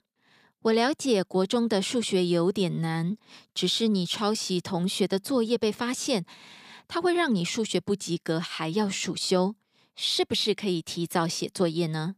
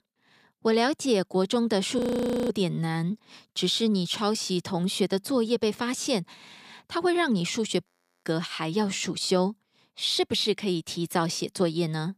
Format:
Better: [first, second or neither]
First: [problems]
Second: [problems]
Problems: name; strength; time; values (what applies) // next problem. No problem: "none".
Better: first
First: none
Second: audio freezing; at 2 s for 0.5 s and at 8 s